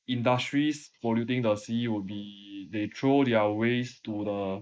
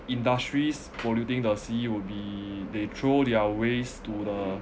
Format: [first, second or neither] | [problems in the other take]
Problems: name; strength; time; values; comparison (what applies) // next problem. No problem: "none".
second | noise reduction (neural mask model Resemble Enhance denoiser)